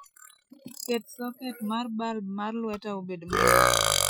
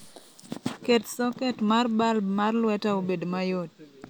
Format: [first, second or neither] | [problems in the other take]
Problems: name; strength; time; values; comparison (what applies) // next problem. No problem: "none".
second | noise reduction (classical method Wiener filter)